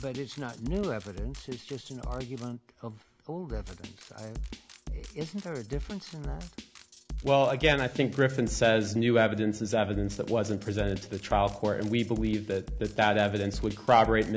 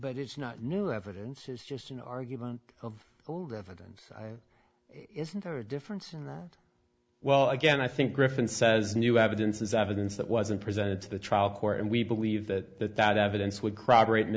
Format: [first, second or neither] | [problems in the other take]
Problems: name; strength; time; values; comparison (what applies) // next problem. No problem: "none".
second | background sound (Drum kit); 12 dB below the speech